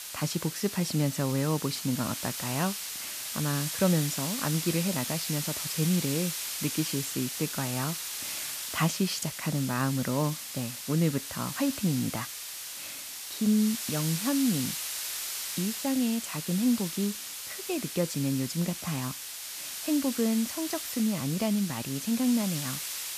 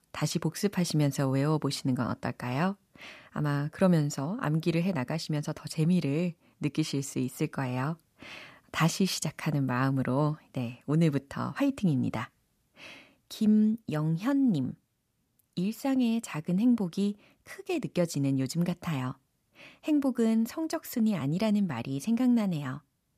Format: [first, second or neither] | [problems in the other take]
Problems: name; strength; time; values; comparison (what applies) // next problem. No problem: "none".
second | hiss; loud; throughout; 4 dB below the speech